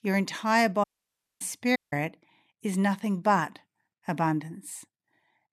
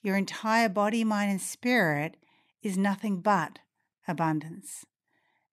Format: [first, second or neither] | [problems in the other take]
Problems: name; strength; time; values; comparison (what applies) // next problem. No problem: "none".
second | audio cutting out; at 1 s for 0.5 s and at 2 s